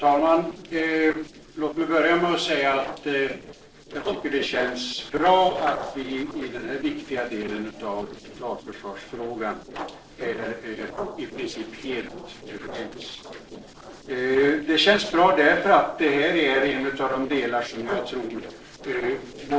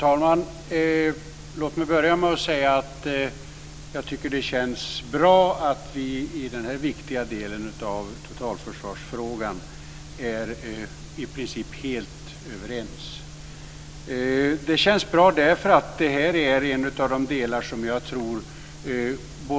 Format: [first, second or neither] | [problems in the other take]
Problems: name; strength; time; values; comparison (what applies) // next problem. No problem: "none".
second | noise reduction (neural separator model SepFormer DNS4)